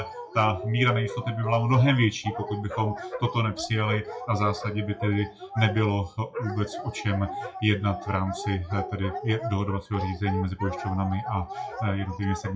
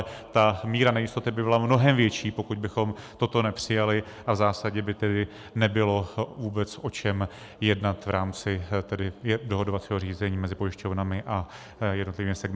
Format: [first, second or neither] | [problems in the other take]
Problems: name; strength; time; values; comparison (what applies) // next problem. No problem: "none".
second | noise reduction (classical method WPE with log-MMSE)